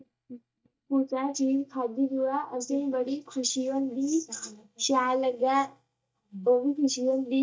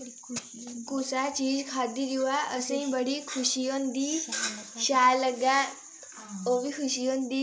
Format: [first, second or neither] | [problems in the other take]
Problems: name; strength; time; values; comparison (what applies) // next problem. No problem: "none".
second | noise reduction (neural mask model DeepFilterNet 3)